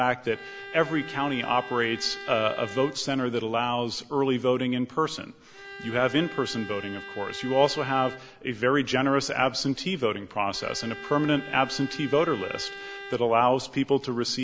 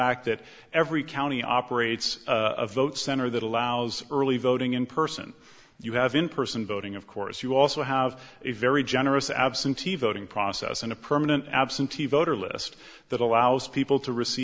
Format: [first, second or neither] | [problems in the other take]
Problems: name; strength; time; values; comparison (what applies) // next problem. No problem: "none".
second | background sound (Bowed string instrument); 14 dB below the speech